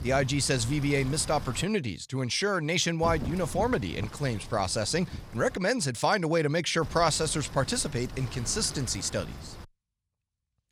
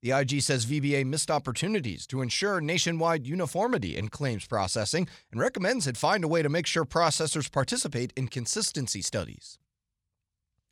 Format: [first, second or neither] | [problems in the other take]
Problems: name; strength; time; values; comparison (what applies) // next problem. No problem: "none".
second | wind noise on the microphone; occasional gusts; until 1.5 s, from 3 to 5.5 s and from 7 to 9.5 s; 15 dB below the speech